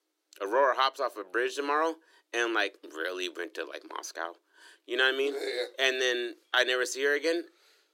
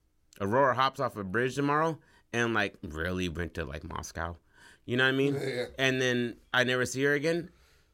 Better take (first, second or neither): second